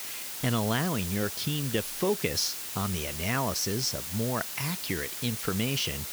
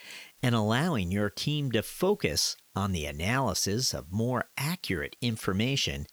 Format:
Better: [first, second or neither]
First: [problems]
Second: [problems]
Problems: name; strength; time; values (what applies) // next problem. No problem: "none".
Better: second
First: hiss; loud; throughout; 4 dB below the speech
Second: hiss; faint; throughout; 25 dB below the speech